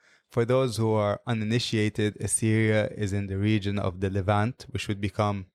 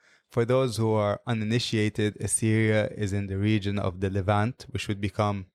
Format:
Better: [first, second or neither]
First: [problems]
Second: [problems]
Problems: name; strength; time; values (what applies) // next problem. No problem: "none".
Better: neither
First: none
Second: none